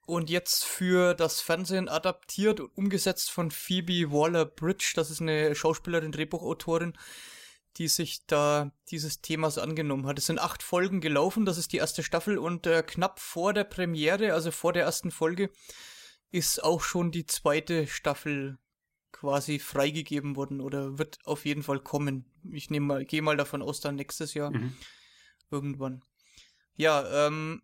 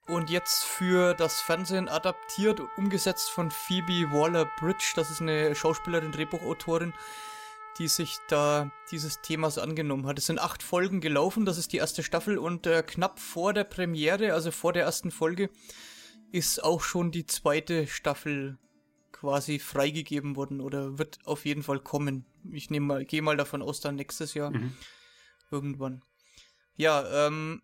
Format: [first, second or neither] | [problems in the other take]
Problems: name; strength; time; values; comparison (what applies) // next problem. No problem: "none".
first | background music; noticeable; throughout; 10 dB below the speech